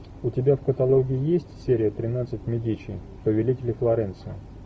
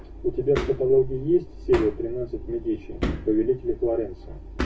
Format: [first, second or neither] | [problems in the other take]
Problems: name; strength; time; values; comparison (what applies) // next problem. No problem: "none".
first | background sound (Hammer); 10 dB below the speech // room echo; dies away in 0.1 s